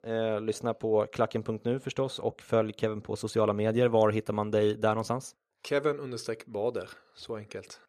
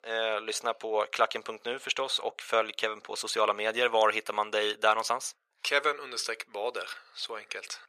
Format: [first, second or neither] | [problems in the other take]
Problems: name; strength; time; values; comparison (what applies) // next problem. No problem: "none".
first | thin; very; fading below 900 Hz